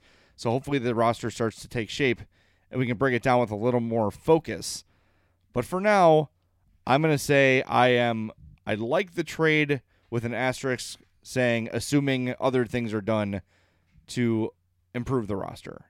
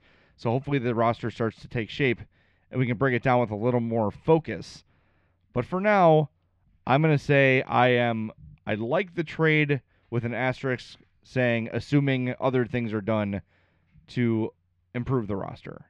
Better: first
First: none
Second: muffled; slightly; fading above 3 kHz

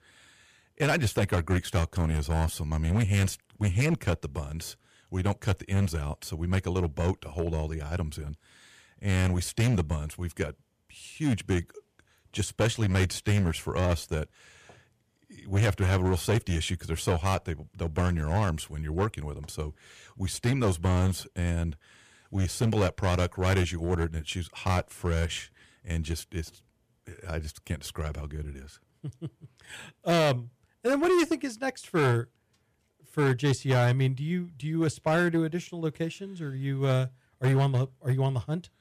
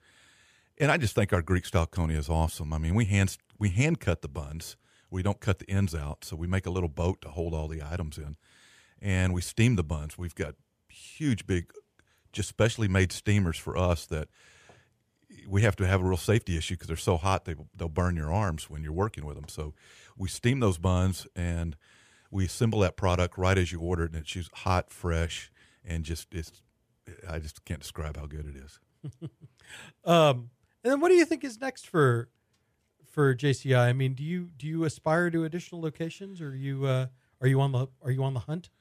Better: second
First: distortion; slight; 6% of the sound clipped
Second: none

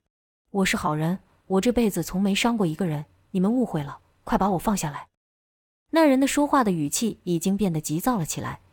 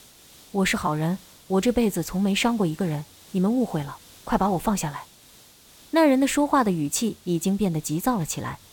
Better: first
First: none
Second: hiss; faint; throughout; 25 dB below the speech

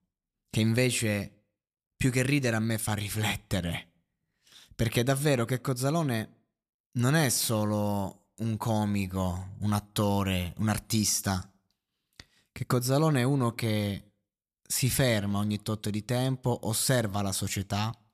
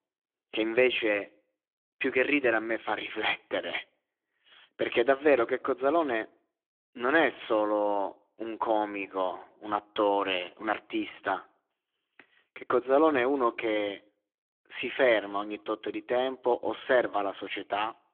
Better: first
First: none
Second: phone-call audio; nothing above 3.5 kHz

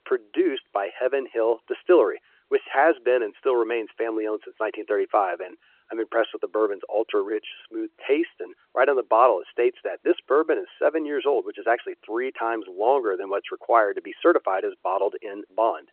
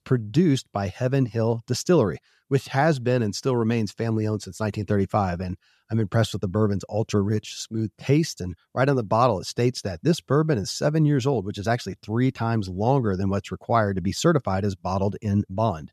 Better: second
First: phone-call audio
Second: none

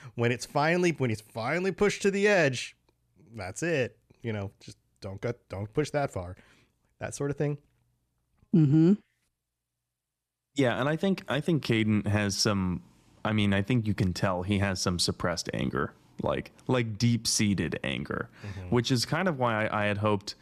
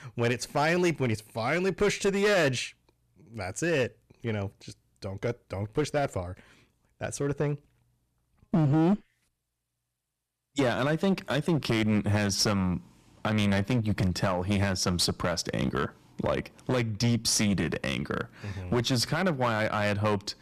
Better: first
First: none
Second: distortion; slight; 7% of the sound clipped

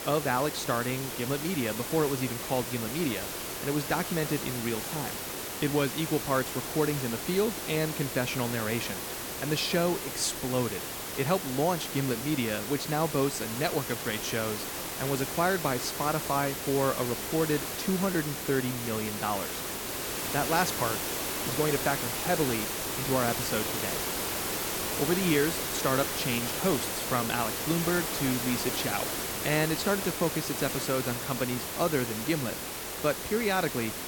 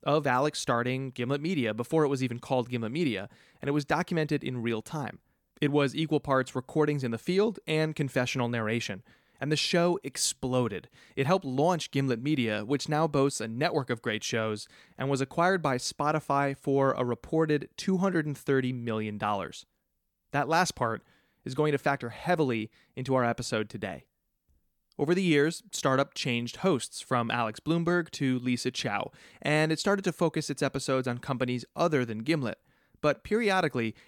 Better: second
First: hiss; loud; throughout; 2 dB below the speech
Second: none

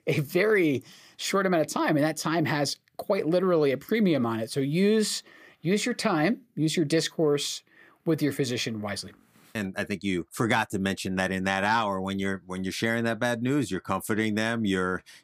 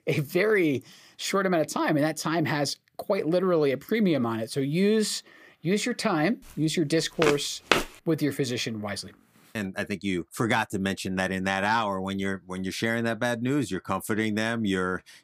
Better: first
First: none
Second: footsteps; loud; at 7 s; peak 2 dB above the speech

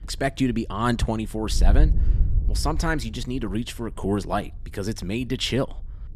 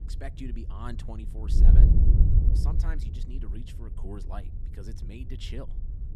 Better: first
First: wind noise on the microphone; occasional gusts; 15 dB below the speech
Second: wind noise on the microphone; heavy; 4 dB above the speech

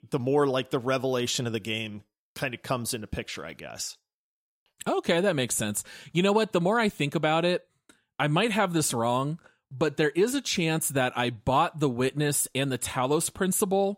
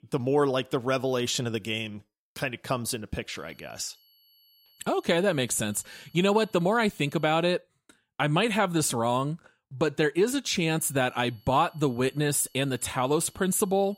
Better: first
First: none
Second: high-pitched whine; faint; from 3.5 to 7.5 s and from 11 s on; 3 kHz, 30 dB below the speech

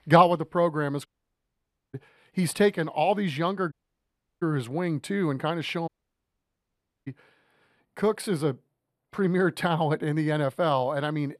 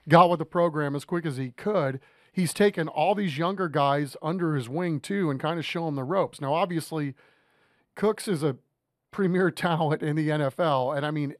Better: second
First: audio cutting out; at 1 s for 1 s, at 3.5 s for 0.5 s and at 6 s for 1 s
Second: none

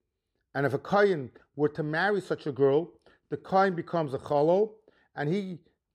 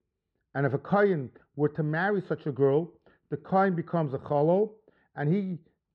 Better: first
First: none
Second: muffled; slightly; fading above 2.5 kHz

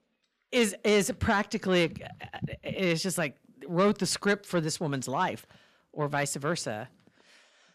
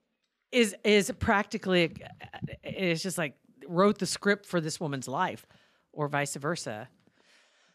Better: second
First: distortion; slight; 10 dB below the speech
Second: none

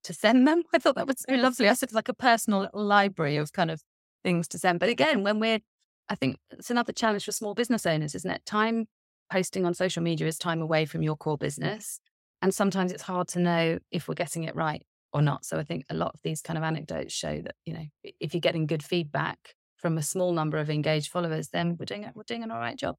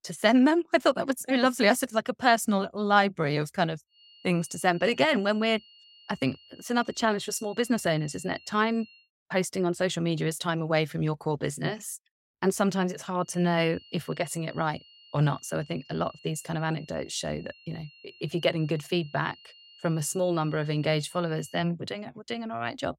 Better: first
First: none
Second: high-pitched whine; faint; from 4 to 9 s and from 13 to 22 s; 3 kHz, 25 dB below the speech

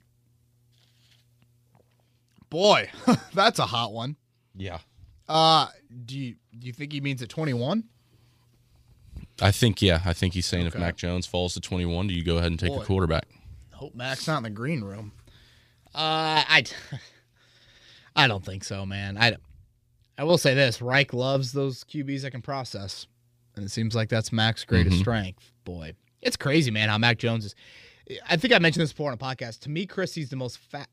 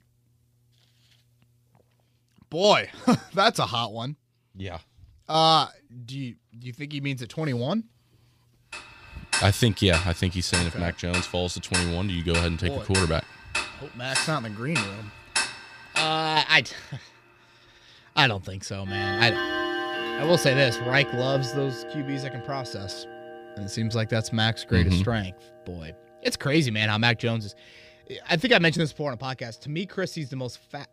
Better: first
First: none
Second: household noises; loud; from 9 s on; 5 dB below the speech

